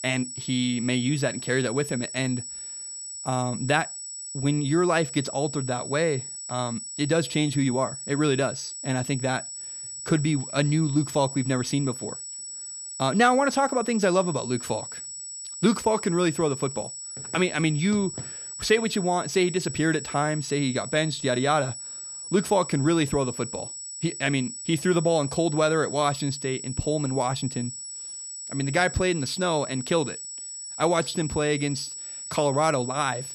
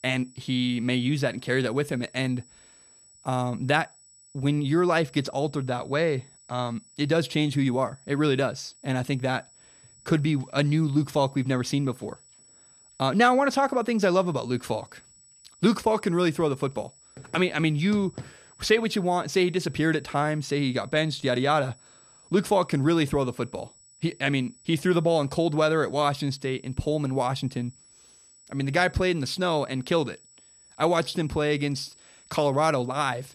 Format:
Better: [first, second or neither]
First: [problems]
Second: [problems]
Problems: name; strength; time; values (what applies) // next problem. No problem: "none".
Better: second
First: high-pitched whine; loud; throughout; 8 kHz, 9 dB below the speech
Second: high-pitched whine; faint; throughout; 8 kHz, 25 dB below the speech